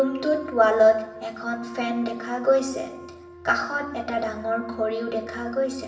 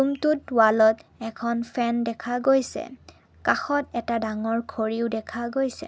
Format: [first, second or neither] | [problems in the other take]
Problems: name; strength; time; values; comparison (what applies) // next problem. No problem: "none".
second | background sound (Wind instrument, woodwind instrument); 17 dB below the speech // room echo; dies away in 0.9 s